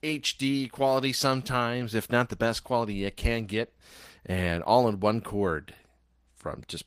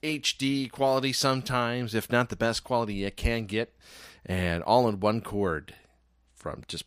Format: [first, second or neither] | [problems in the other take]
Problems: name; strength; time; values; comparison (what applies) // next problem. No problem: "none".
second | garbled, watery; slightly; nothing above 15 kHz